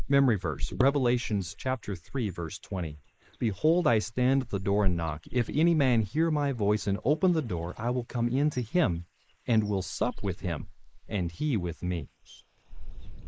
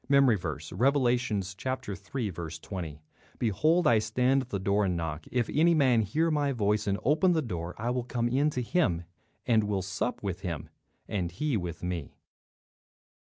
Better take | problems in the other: second | noise reduction (neural mask model Resemble Enhance denoiser)

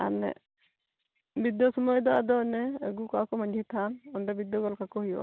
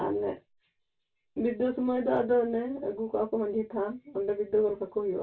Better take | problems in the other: first | room echo; dies away in 0.2 s

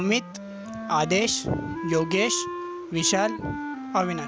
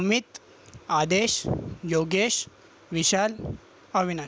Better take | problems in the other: second | background sound (Wind instrument, woodwind instrument); 8 dB below the speech

